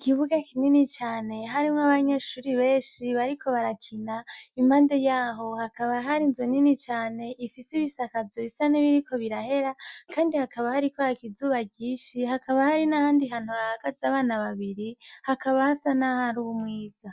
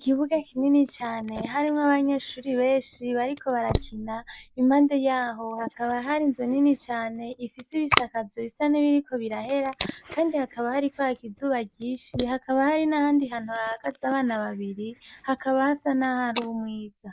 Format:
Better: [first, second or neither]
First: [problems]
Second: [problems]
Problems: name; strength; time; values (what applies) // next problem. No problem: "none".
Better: first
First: none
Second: noise reduction (neural mask model Resemble Enhance denoiser)